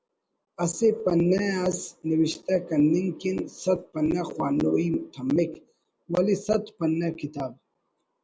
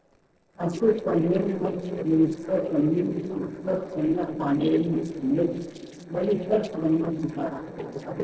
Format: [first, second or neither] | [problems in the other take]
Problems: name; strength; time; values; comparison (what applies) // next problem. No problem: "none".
first | noise reduction (neural separator model SepFormer DNS4)